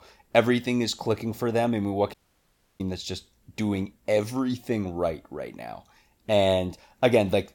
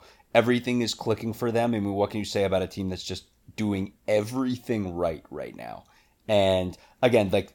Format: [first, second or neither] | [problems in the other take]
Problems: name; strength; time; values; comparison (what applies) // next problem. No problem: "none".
second | audio cutting out; at 2 s for 0.5 s